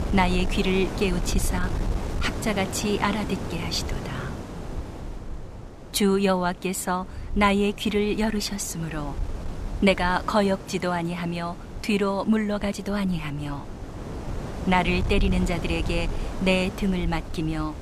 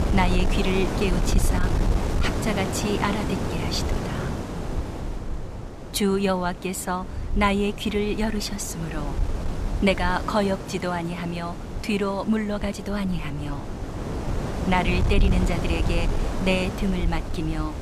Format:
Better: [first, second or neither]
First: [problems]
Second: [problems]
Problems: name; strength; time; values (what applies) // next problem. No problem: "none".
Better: first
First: wind noise on the microphone; occasional gusts; 15 dB below the speech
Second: wind noise on the microphone; heavy; 7 dB below the speech